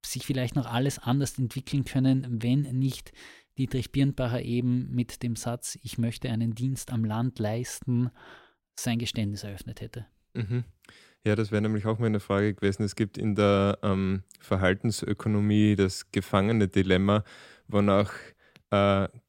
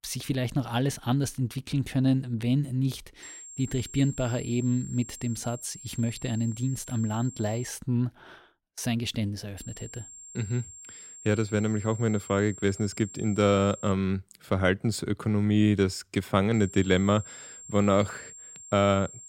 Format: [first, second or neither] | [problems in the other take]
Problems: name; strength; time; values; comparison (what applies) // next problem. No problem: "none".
first | high-pitched whine; noticeable; from 3 to 7.5 s, from 9.5 to 14 s and from 17 s on; 7.5 kHz, 15 dB below the speech